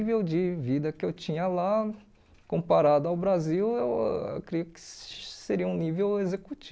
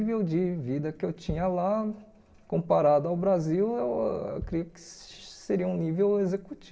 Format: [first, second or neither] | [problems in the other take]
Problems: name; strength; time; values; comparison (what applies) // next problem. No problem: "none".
first | background sound (Bass drum); 19 dB below the speech // room echo; dies away in 1 s